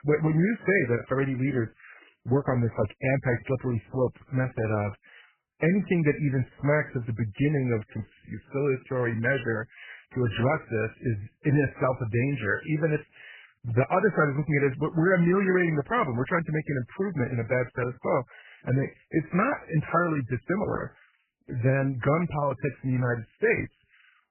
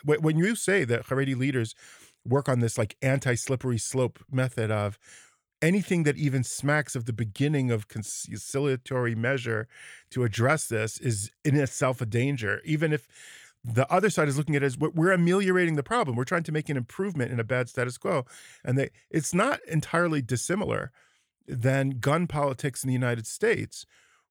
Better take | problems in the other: second | garbled, watery; badly; nothing above 2.5 kHz

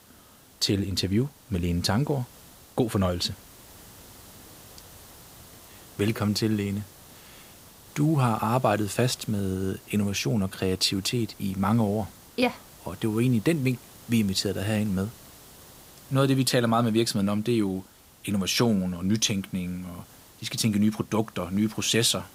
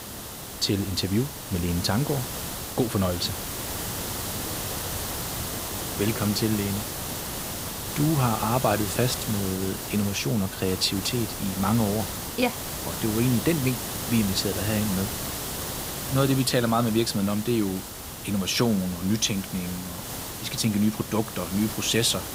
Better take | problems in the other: first | hiss; loud; throughout; 5 dB below the speech; faint in the first

